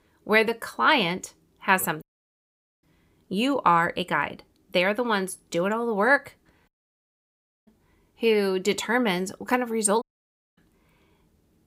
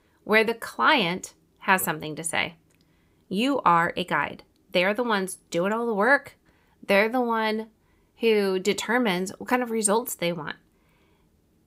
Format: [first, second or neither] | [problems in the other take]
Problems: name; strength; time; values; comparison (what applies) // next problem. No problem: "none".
second | audio cutting out; at 2 s for 1 s, at 6.5 s for 1 s and at 10 s for 0.5 s